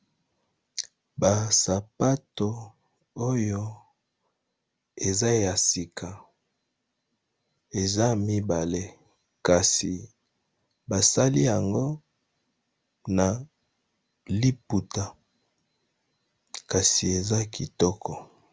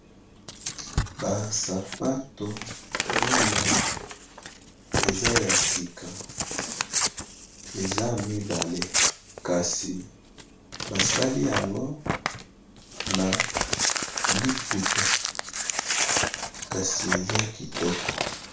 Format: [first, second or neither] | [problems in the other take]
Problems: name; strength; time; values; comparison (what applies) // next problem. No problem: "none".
first | background sound (Crumpling, crinkling / Tearing); 3 dB above the speech // room echo; dies away in 0.3 s